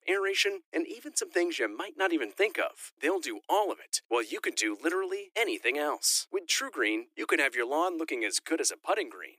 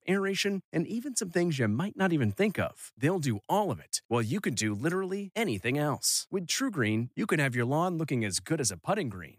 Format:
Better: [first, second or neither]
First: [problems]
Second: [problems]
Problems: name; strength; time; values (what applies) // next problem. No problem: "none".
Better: second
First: thin; very; fading below 300 Hz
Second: none